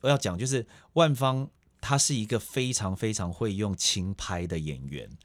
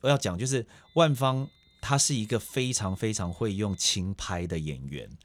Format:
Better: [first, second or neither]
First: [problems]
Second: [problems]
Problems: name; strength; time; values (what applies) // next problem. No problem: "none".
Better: first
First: none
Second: high-pitched whine; faint; from 1 to 4 s; 3.5 kHz, 30 dB below the speech